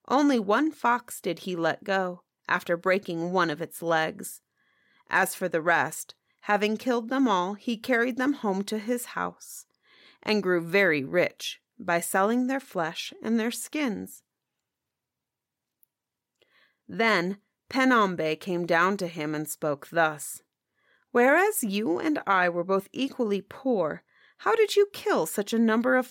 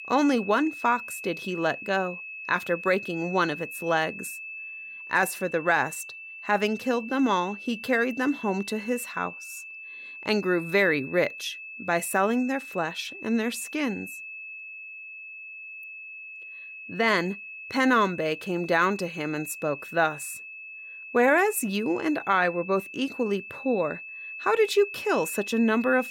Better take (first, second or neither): first